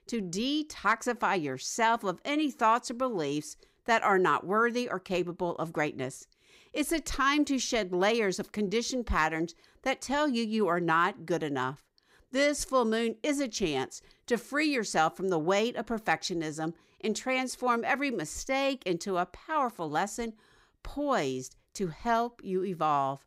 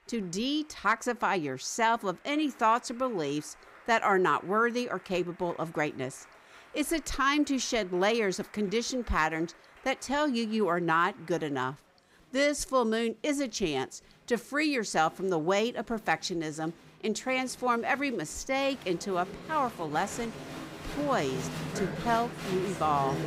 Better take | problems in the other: first | crowd noise; noticeable; throughout; 15 dB below the speech

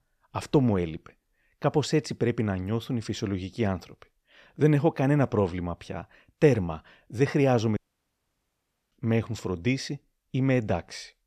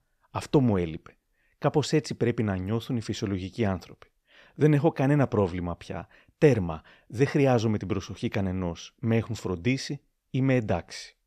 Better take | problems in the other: second | audio cutting out; at 8 s for 1 s

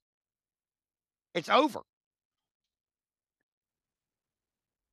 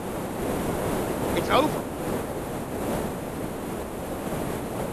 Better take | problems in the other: first | hiss; loud; throughout; 3 dB below the speech

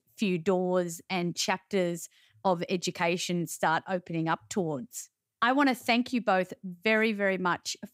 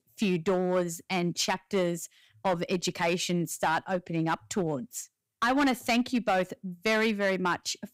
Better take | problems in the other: first | distortion; slight; 5% of the sound clipped

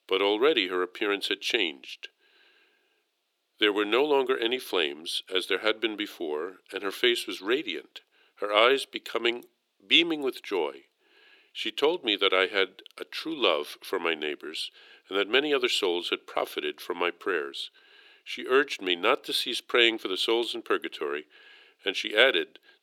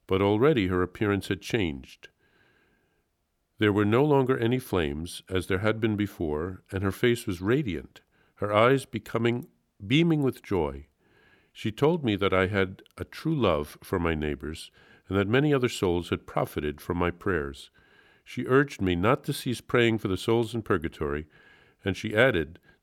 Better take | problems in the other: second | thin; somewhat; fading below 350 Hz

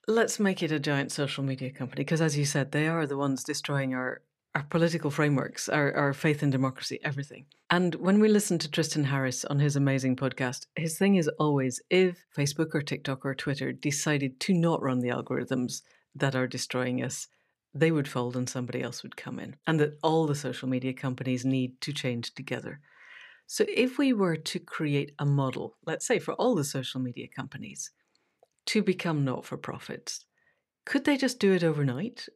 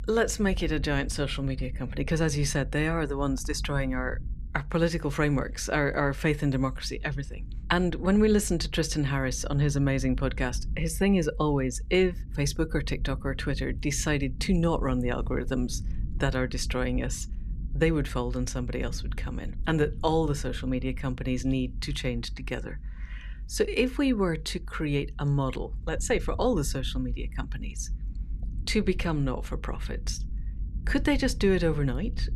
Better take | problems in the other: first | low rumble; faint; throughout; 25 dB below the speech

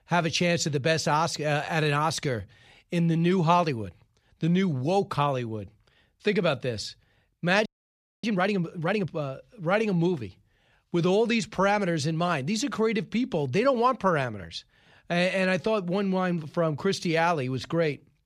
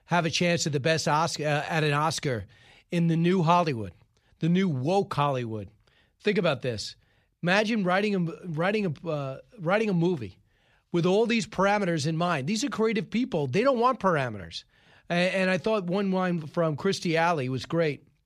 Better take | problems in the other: second | audio freezing; at 7.5 s for 0.5 s

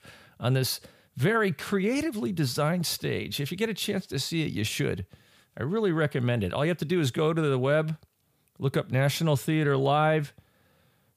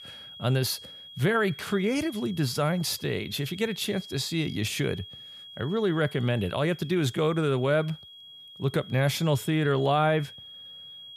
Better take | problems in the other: first | high-pitched whine; noticeable; throughout; 3.5 kHz, 15 dB below the speech

